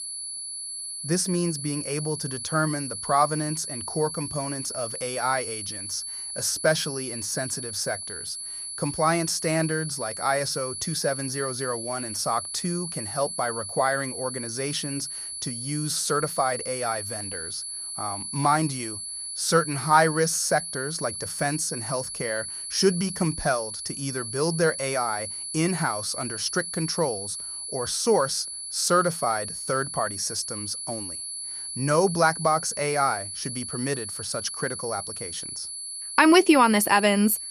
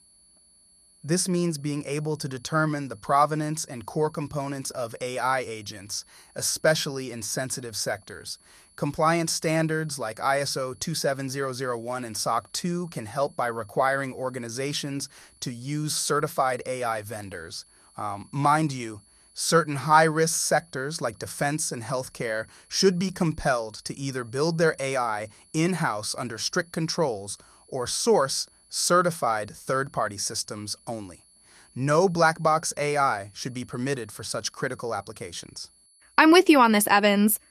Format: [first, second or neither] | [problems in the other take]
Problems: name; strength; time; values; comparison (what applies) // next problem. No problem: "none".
second | high-pitched whine; loud; throughout; 11 kHz, 6 dB below the speech; faint in the second